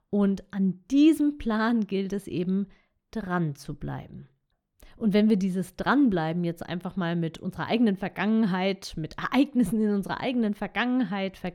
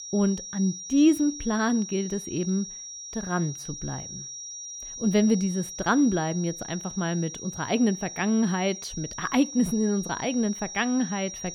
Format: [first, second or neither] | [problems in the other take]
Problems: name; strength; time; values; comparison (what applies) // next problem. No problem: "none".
first | high-pitched whine; noticeable; throughout; 5.5 kHz, 10 dB below the speech